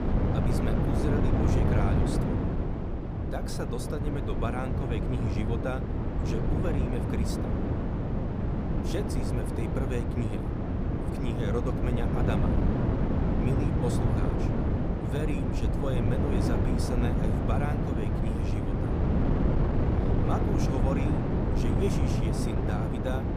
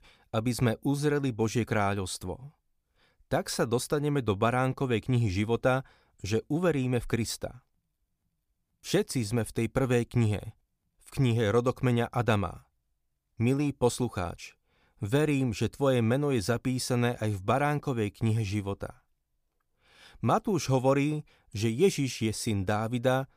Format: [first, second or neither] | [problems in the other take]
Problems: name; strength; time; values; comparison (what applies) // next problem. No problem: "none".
second | wind noise on the microphone; heavy; 3 dB above the speech